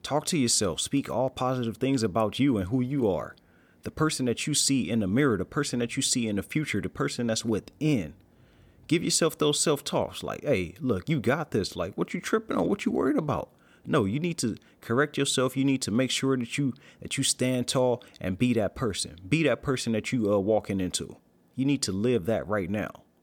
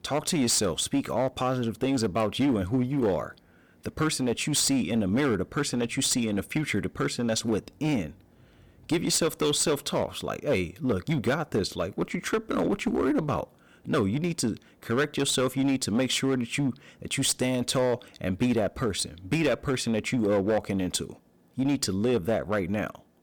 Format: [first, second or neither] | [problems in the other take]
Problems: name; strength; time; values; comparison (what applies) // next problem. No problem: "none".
first | distortion; slight; 8% of the sound clipped